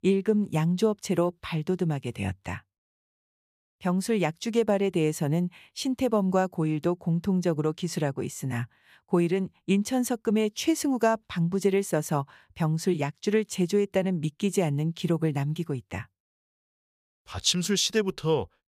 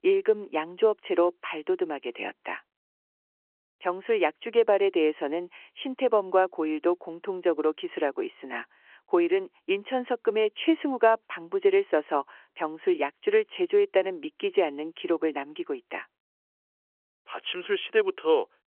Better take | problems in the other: first | phone-call audio

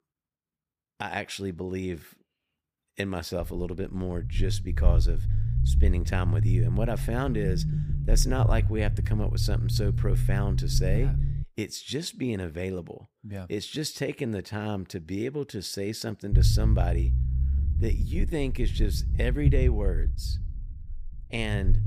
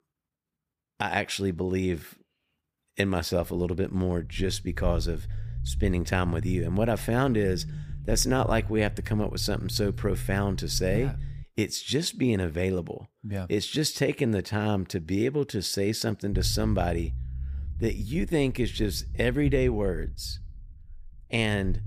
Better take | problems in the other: second | low rumble; loud; from 3.5 to 11 s and from 16 s on; 8 dB below the speech; faint in the second

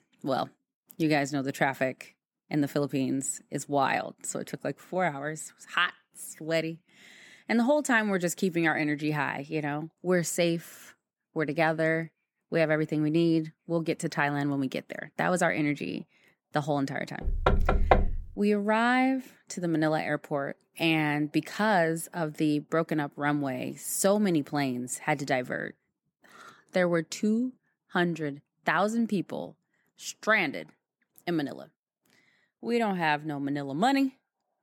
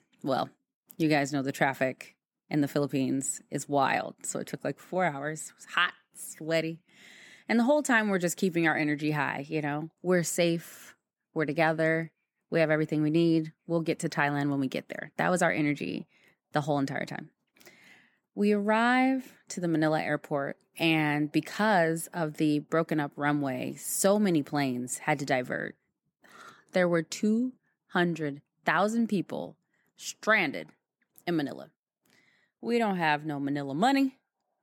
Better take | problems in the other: second | door banging; loud; at 17 s; peak 4 dB above the speech

